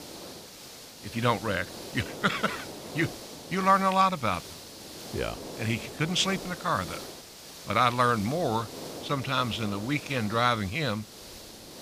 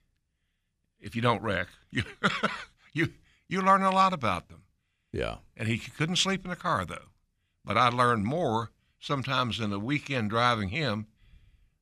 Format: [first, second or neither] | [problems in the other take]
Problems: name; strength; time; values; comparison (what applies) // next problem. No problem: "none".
second | hiss; noticeable; throughout; 15 dB below the speech